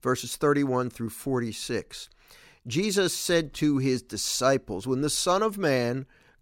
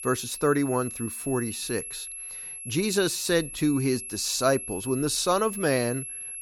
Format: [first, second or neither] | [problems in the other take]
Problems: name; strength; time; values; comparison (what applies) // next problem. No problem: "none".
first | high-pitched whine; loud; throughout; 11 kHz, 9 dB below the speech